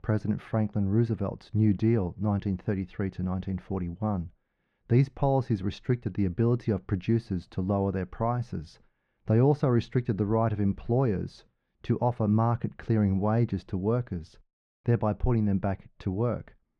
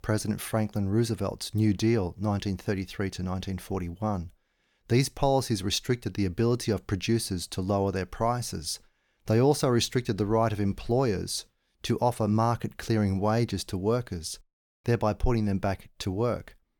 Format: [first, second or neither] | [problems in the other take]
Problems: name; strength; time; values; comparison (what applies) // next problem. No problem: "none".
second | muffled; very; fading above 2 kHz